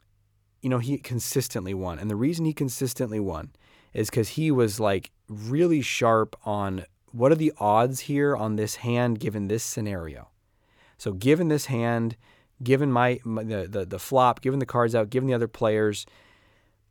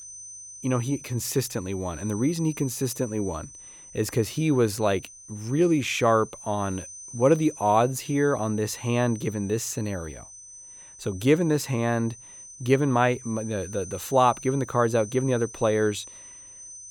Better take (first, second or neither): first